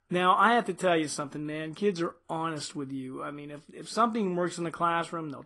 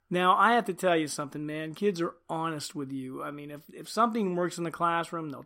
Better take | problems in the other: second | garbled, watery; slightly; nothing above 10 kHz

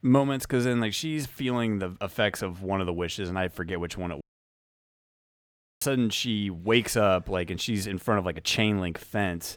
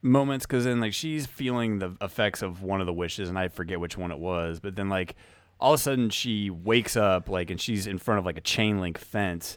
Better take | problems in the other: second | audio cutting out; at 4 s for 1.5 s

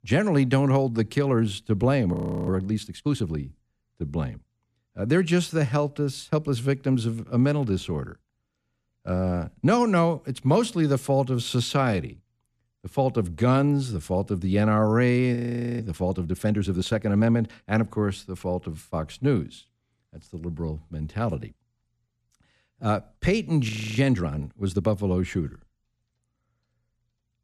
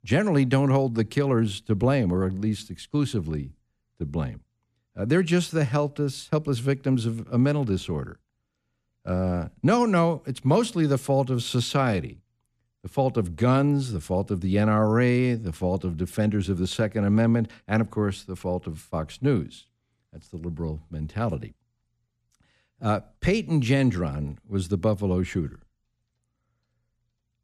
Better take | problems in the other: second | audio freezing; at 2 s, at 15 s and at 24 s

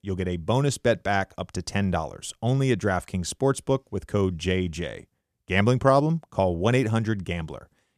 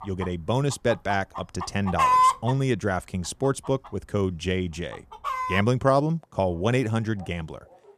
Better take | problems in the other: first | animal sounds; very loud; throughout; 1 dB above the speech

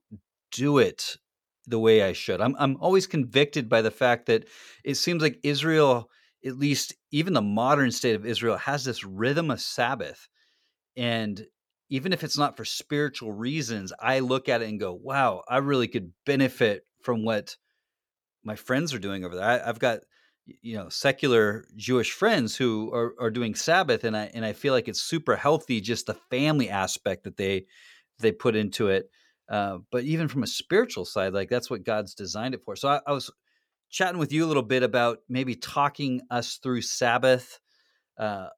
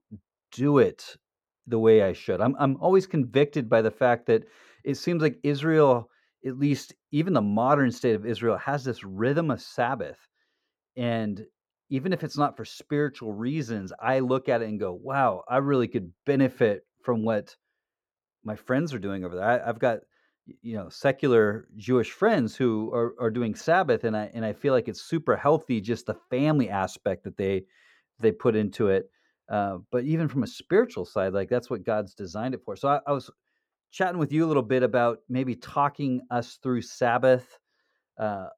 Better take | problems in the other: first | muffled; slightly; fading above 2 kHz

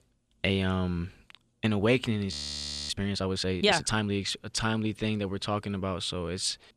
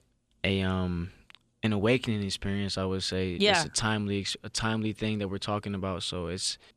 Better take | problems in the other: second | audio freezing; at 2.5 s for 0.5 s

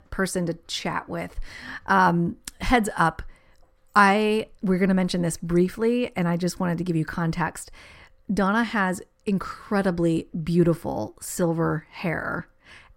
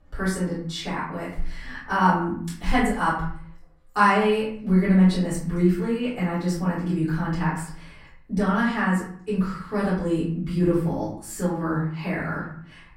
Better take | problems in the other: first | off-mic speech; far // room echo; noticeable; dies away in 0.6 s

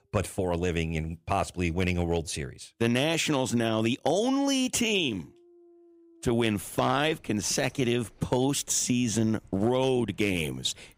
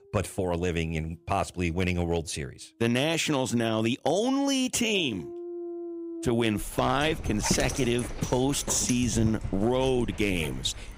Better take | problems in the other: first | animal sounds; loud; throughout; 9 dB below the speech; faint in the first

